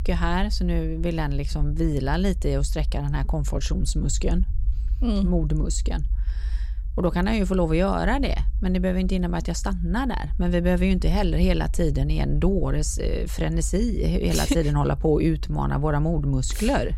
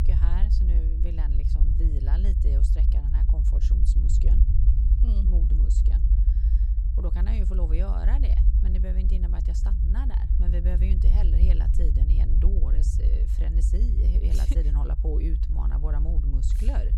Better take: first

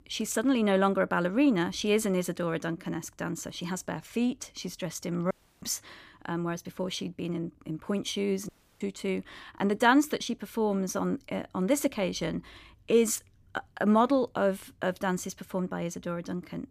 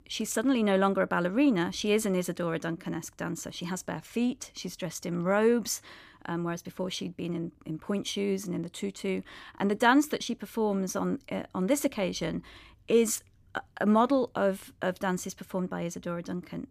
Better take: second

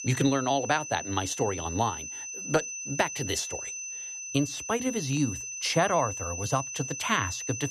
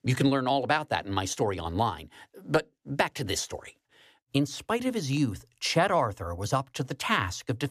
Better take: second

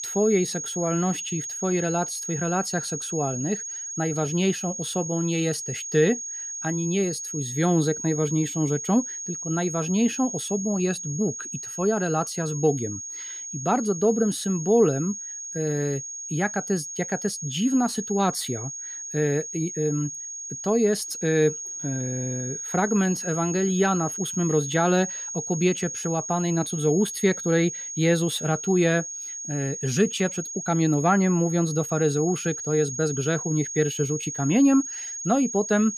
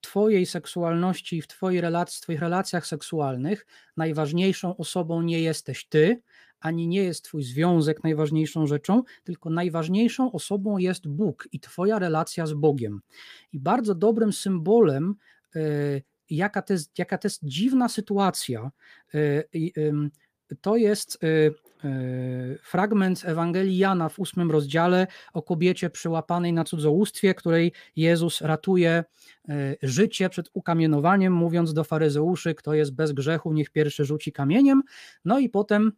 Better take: second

